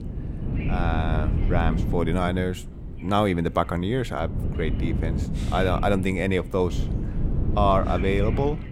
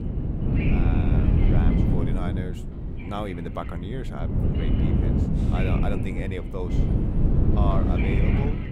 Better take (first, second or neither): first